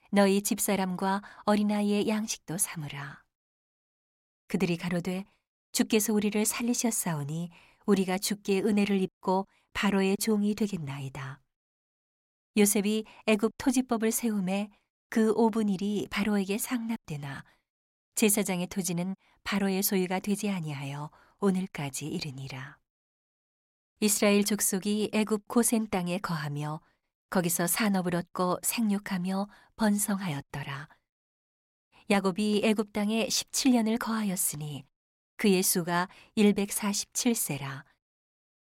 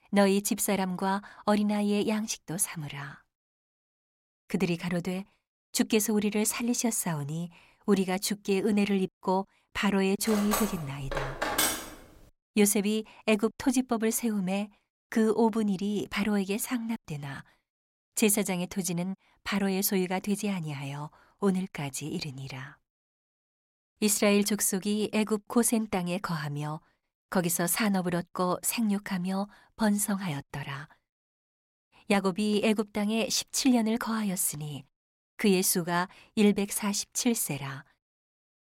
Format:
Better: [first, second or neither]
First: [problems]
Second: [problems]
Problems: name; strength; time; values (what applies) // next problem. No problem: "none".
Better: first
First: none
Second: clattering dishes; loud; from 10 to 12 s; peak 2 dB above the speech